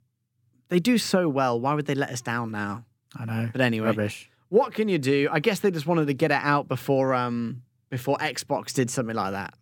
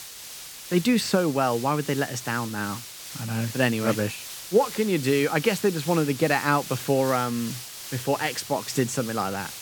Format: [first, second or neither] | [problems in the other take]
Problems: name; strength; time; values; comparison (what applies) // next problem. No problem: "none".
first | hiss; noticeable; throughout; 10 dB below the speech